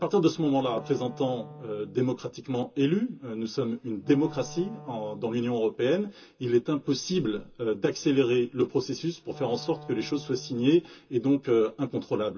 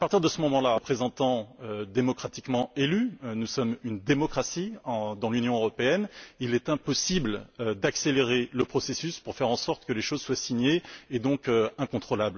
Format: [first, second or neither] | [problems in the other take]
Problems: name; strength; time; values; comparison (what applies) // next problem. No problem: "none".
second | background sound (Wind instrument, woodwind instrument); 19 dB below the speech // room echo; dies away in 0.2 s